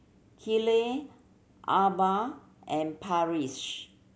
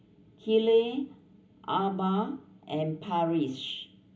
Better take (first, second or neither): first